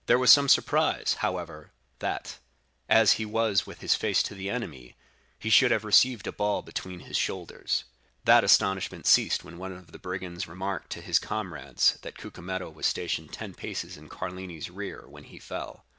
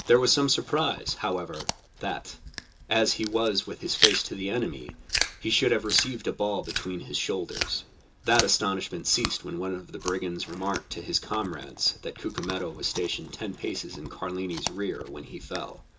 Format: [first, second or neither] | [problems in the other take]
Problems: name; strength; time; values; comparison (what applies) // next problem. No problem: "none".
first | background sound (Chewing, mastication); 7 dB below the speech // room echo; dies away in 0.2 s